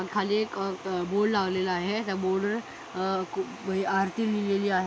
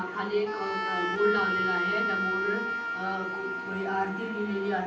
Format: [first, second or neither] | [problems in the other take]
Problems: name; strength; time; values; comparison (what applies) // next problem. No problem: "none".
first | background sound (Wind instrument, woodwind instrument); 1 dB below the speech // room echo; dies away in 0.6 s